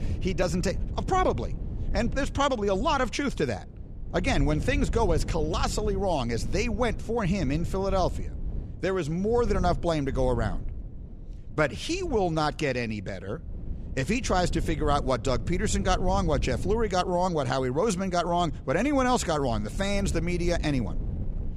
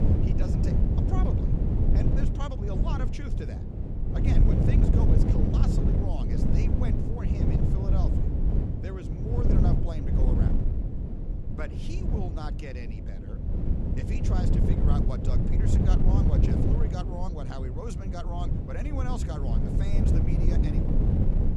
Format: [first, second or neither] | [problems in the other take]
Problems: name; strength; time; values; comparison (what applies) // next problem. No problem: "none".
first | wind noise on the microphone; heavy; 4 dB above the speech; occasional gusts in the first